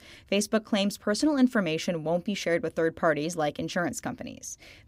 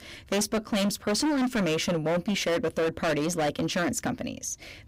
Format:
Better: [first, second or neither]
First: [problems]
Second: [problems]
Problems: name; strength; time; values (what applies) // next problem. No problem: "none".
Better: first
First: none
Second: distortion; heavy; 21% of the sound clipped